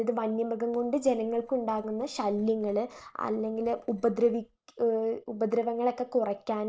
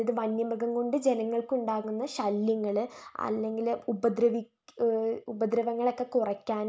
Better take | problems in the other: second | noise reduction (neural separator model SepFormer DNS4)

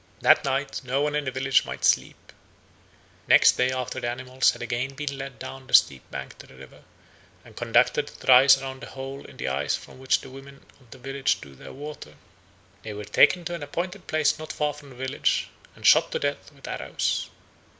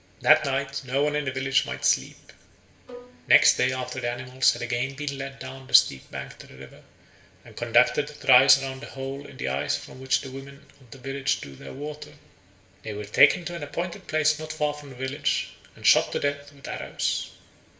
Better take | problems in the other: first | background sound (Bowed string instrument); 17 dB below the speech // room echo; dies away in 0.6 s

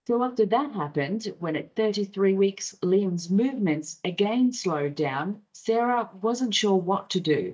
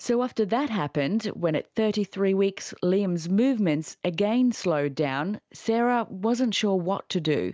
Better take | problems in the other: second | noise reduction (neural mask model DeepFilterNet 3)

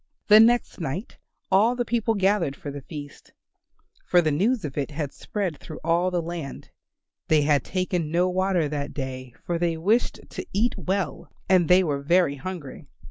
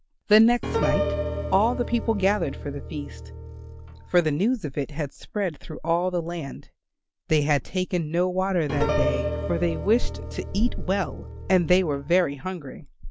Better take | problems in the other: first | background sound (Piano); 5 dB below the speech

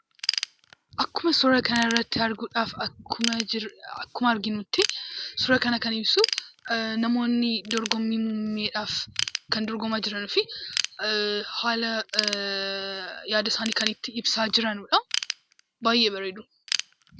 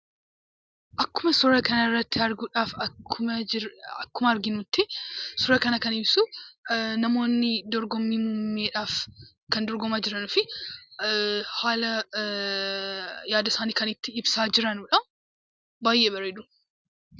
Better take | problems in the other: second | background sound (Ratchet, pawl / Tools); 9 dB below the speech

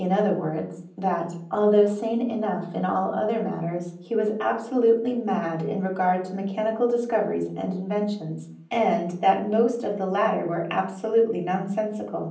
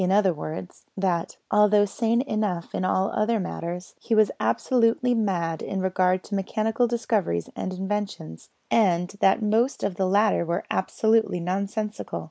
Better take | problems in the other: second | room echo; dies away in 0.6 s

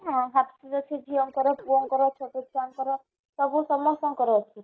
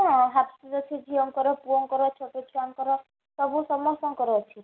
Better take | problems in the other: second | noise reduction (neural mask model DeepFilterNet 3)

